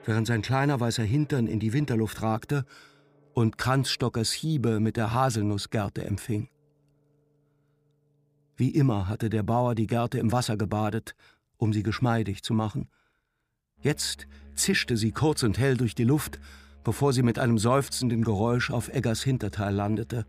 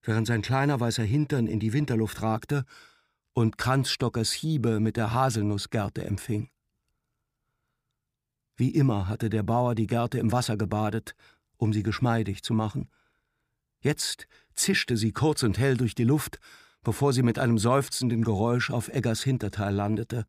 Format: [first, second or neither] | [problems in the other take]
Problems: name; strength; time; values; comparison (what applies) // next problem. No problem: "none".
second | background music; faint; throughout; 25 dB below the speech